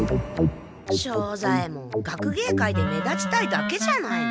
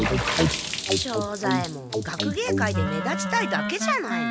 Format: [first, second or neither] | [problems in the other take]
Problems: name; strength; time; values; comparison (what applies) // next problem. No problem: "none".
first | background sound (Water / Splash, splatter); 8 dB below the speech